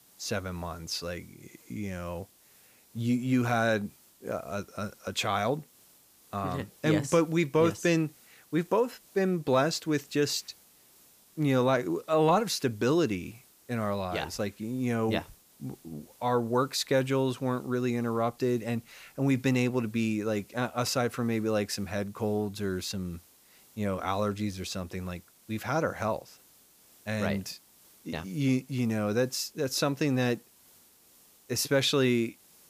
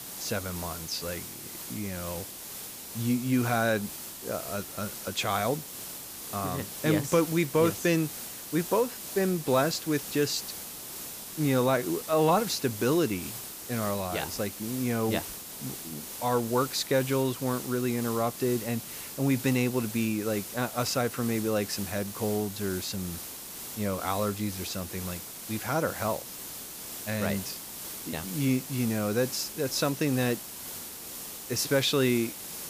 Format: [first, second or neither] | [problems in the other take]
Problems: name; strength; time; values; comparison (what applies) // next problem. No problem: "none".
first | hiss; loud; throughout; 8 dB below the speech; faint in the first